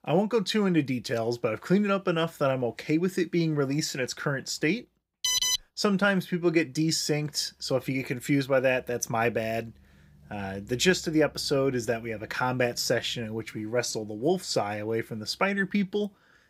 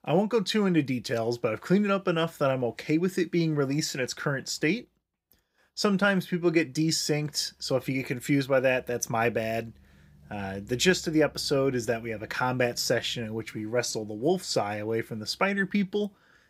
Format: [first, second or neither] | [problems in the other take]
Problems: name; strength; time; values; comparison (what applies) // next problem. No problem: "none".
second | alarm; loud; at 5 s; peak 4 dB above the speech